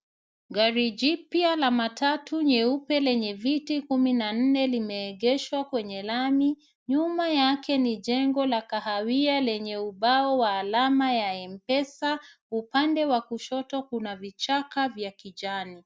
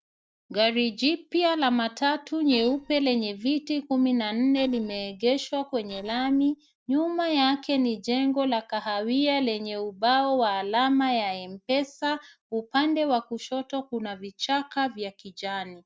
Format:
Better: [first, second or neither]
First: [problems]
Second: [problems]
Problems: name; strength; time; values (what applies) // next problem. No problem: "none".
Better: first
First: none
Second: noise reduction (neural separator model SepFormer DNS4)